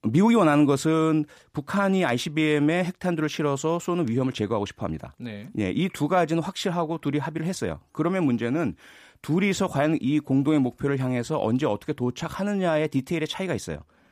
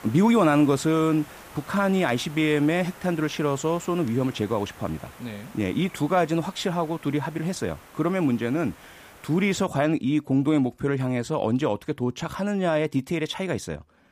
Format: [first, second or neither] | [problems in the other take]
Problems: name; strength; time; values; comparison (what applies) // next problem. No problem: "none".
first | hiss; faint; until 9.5 s; 20 dB below the speech